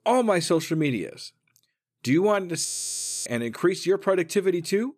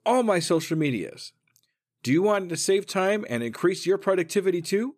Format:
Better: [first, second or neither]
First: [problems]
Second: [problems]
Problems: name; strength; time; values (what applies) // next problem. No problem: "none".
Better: second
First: audio freezing; at 2.5 s for 0.5 s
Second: none